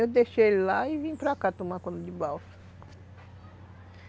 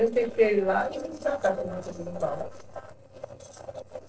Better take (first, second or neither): first